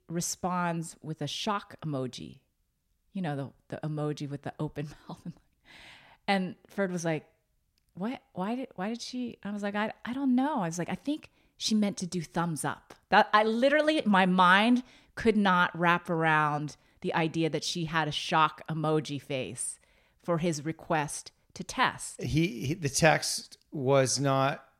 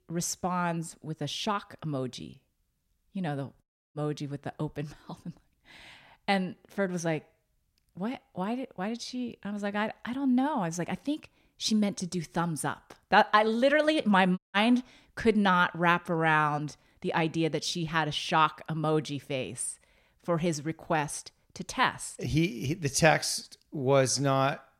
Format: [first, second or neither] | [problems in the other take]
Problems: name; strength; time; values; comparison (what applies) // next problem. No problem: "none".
first | audio cutting out; at 3.5 s and at 14 s